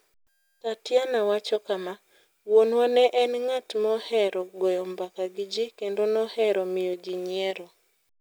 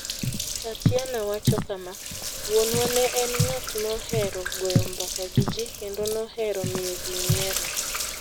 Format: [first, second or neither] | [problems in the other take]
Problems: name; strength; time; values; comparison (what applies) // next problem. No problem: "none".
first | background sound (Sink (filling or washing) + Walk, footsteps); 2 dB above the speech